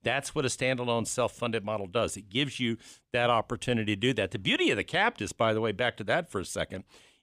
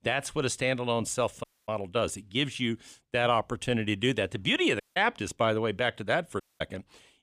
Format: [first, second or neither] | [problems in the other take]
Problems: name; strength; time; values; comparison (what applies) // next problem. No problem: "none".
first | audio cutting out; at 1.5 s, at 5 s and at 6.5 s